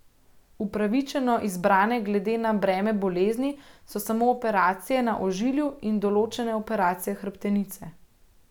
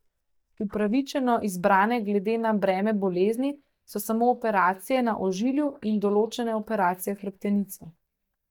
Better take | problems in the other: first | noise reduction (neural mask model DeepFilterNet 3)

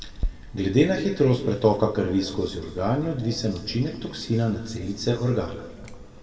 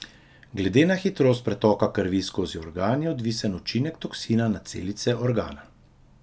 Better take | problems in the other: second | background sound (Chewing, mastication); 13 dB below the speech // room echo; dies away in 1.6 s

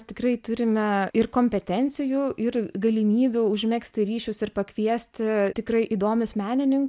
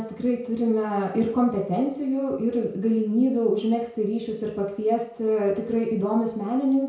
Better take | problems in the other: first | room echo; dies away in 0.5 s

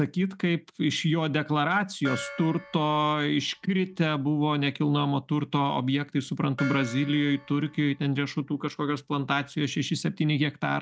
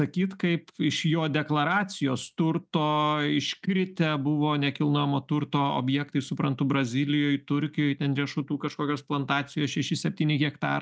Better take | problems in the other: second | background sound (Gong); 17 dB below the speech

